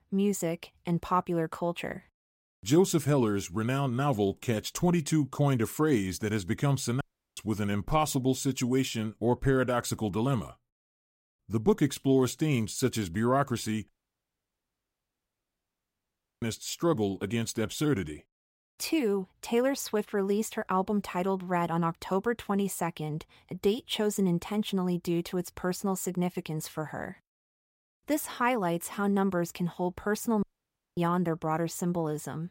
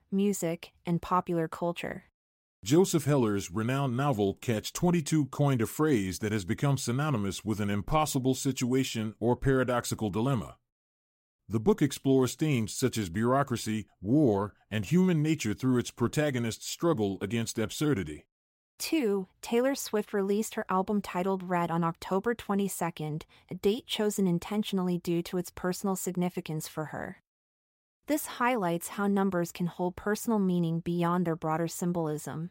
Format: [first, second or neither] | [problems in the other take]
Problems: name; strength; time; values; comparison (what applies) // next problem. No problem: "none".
second | audio cutting out; at 7 s, at 14 s for 2.5 s and at 30 s for 0.5 s